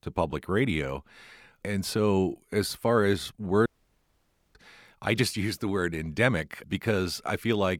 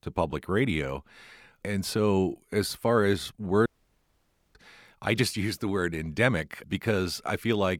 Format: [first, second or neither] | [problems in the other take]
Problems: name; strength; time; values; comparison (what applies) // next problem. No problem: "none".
neither | audio cutting out; at 3.5 s for 1 s; the same in both